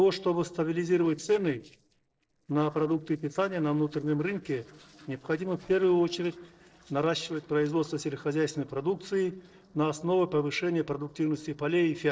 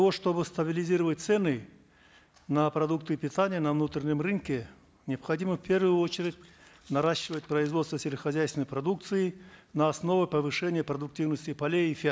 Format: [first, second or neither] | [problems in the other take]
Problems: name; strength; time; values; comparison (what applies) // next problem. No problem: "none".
second | noise reduction (neural separator model SepFormer DNS4)